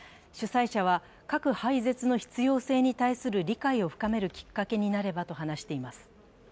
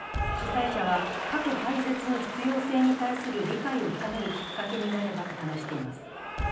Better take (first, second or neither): first